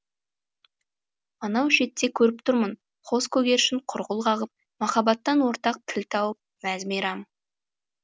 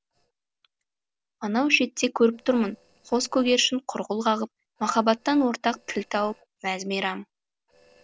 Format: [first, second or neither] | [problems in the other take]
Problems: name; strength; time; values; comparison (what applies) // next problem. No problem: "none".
first | noise reduction (neural separator model SepFormer DNS4)